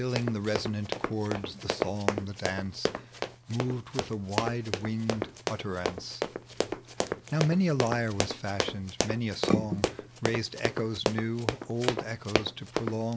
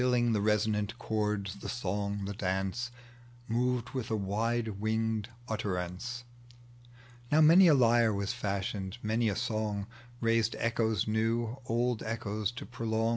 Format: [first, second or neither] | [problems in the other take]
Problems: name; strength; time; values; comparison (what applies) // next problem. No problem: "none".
second | background sound (Run); 1 dB below the speech